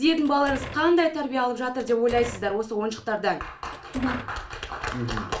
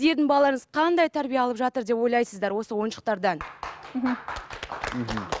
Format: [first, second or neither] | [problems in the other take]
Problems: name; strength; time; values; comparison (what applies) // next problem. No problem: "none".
second | background sound (Door); 15 dB below the speech // room echo; dies away in 0.3 s